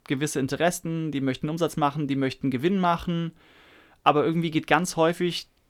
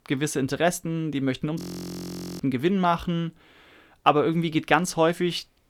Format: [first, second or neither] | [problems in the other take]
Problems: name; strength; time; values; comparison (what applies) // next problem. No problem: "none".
first | audio freezing; at 1.5 s for 1 s